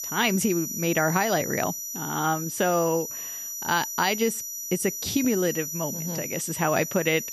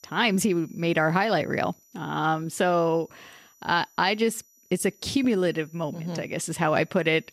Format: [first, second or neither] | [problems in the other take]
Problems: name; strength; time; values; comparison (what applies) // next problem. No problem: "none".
second | high-pitched whine; loud; throughout; 6 kHz, 5 dB below the speech; faint in the second